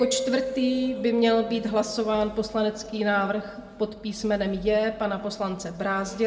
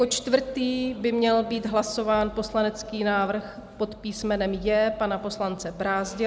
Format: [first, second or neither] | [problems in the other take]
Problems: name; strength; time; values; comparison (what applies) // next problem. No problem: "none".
second | background sound (Mallet percussion); 12 dB below the speech // room echo; dies away in 0.9 s